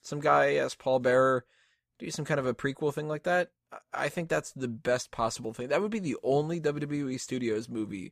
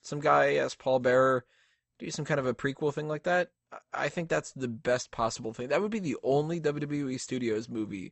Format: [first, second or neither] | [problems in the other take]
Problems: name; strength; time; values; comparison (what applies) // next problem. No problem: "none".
first | garbled, watery; slightly; nothing above 8 kHz